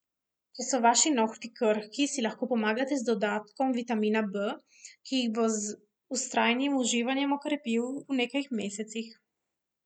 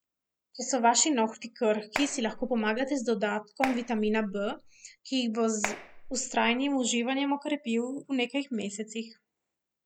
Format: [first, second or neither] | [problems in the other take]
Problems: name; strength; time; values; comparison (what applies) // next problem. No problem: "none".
first | background sound (Clapping); 10 dB below the speech